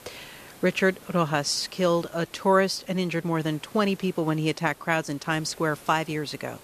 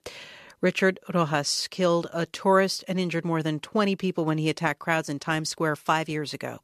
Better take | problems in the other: second | hiss; faint; throughout; 20 dB below the speech

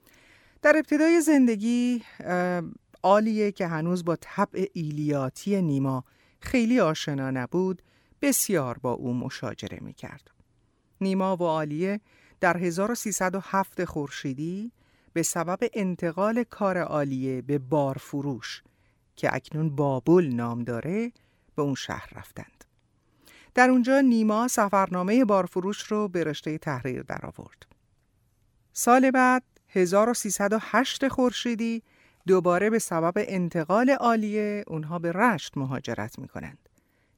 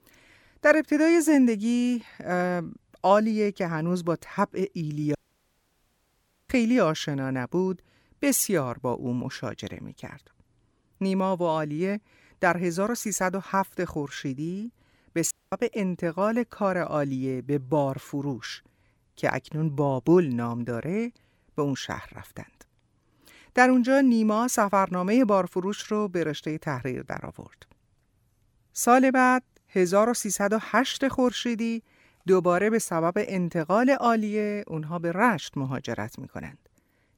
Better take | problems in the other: first | audio cutting out; at 5 s for 1.5 s and at 15 s

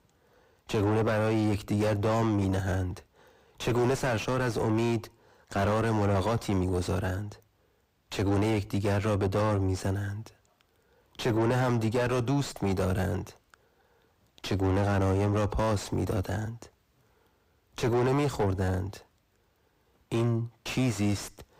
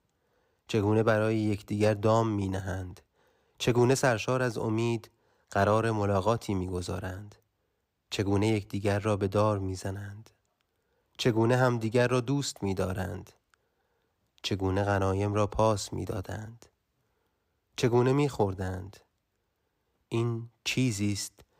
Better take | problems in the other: second | distortion; heavy; 5 dB below the speech

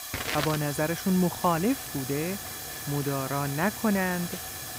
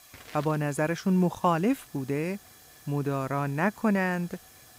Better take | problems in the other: second | hiss; loud; throughout; 6 dB below the speech; faint in the second

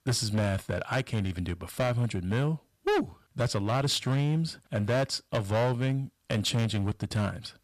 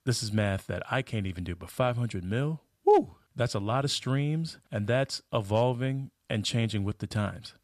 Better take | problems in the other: second | distortion; heavy; 12% of the sound clipped

